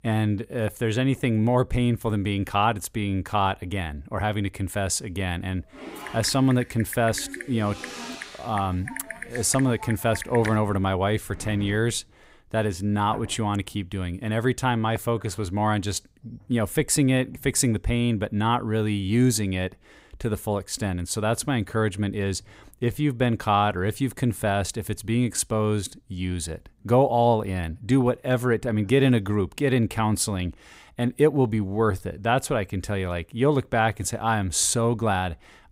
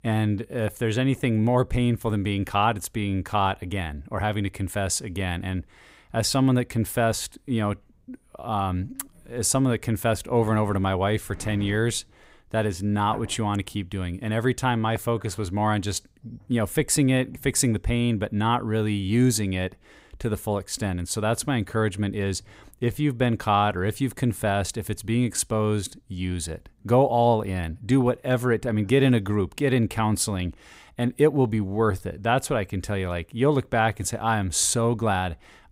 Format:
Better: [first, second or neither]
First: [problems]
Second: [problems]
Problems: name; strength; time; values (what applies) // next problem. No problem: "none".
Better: second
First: keyboard typing; noticeable; from 5.5 to 11 s; peak 9 dB below the speech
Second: none